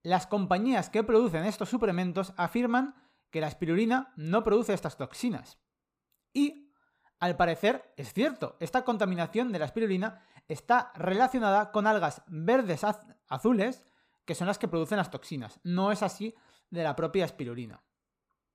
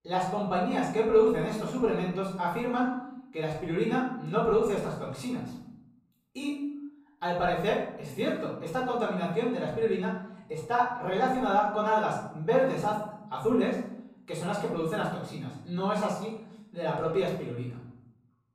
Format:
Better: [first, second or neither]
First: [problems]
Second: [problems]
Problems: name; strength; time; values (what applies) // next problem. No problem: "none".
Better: first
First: none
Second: off-mic speech; far // room echo; noticeable; dies away in 0.7 s